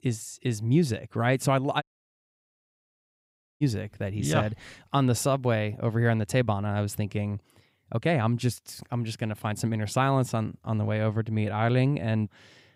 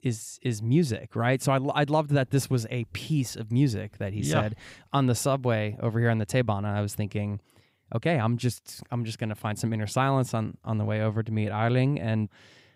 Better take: second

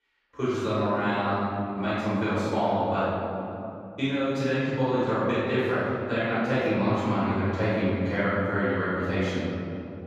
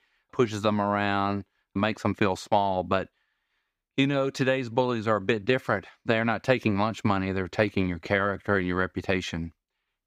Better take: second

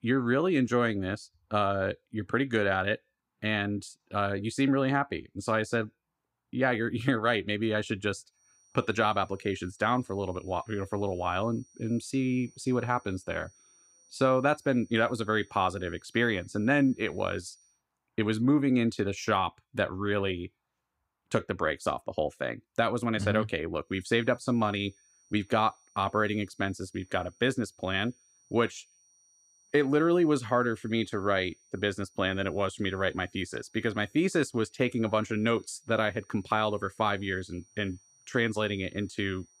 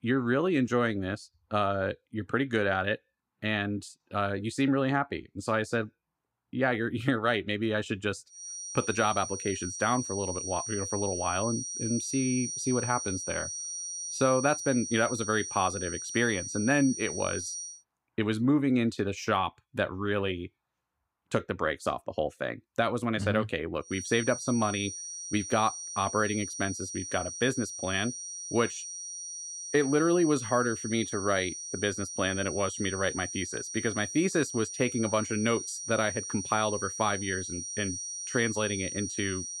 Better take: first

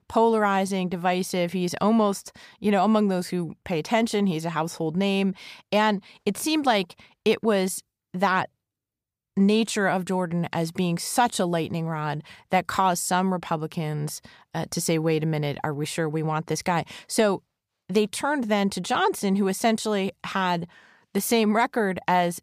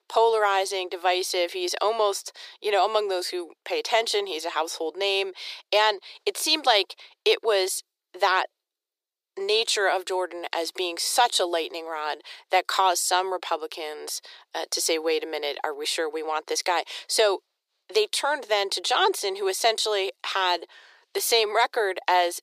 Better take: first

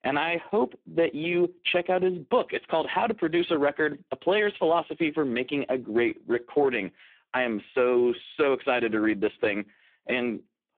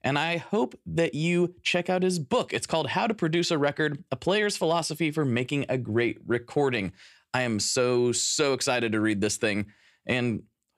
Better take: second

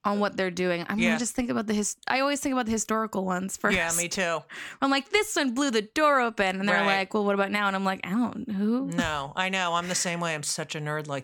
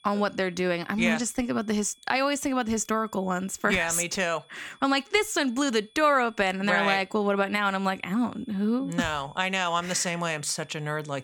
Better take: first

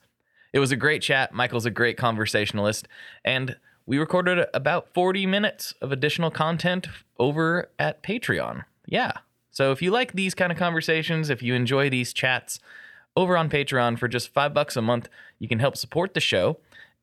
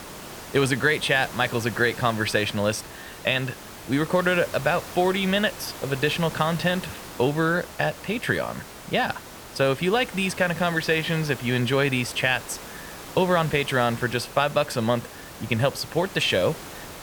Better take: first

